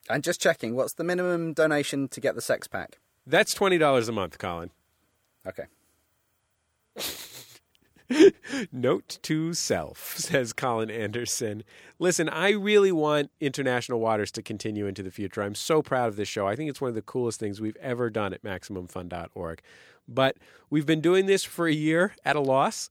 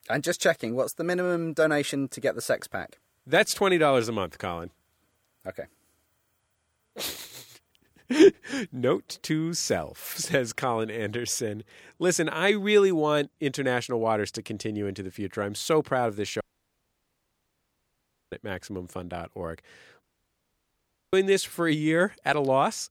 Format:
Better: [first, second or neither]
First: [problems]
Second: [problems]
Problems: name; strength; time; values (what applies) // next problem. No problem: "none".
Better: first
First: none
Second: audio cutting out; at 16 s for 2 s and at 20 s for 1 s